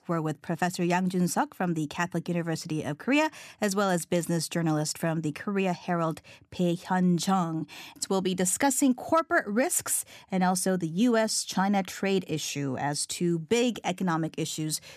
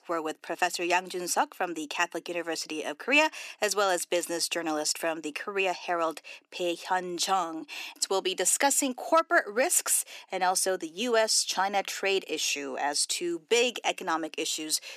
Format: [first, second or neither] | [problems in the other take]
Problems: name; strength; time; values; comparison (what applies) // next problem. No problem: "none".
first | thin; very; fading below 350 Hz